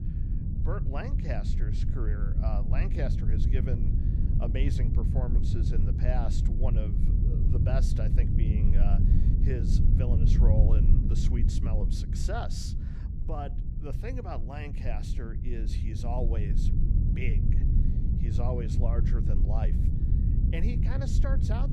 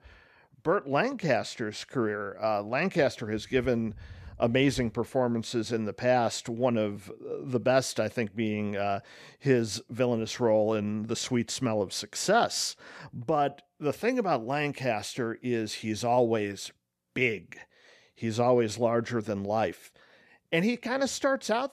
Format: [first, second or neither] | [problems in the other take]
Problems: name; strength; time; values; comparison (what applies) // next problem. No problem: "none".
second | low rumble; loud; throughout; 2 dB below the speech